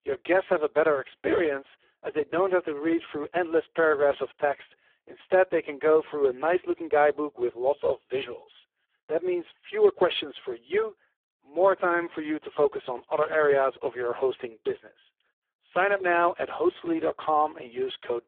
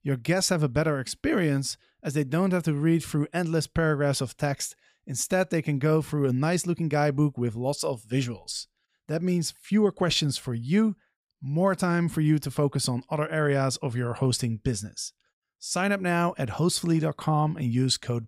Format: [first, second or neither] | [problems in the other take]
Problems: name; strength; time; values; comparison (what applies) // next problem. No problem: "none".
second | phone-call audio; poor line; nothing above 3.5 kHz